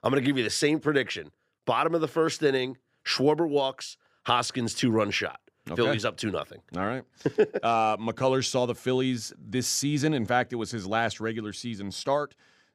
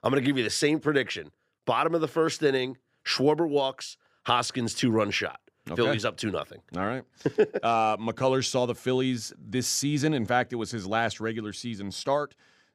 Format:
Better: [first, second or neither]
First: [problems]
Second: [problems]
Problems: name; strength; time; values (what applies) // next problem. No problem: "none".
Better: neither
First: none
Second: none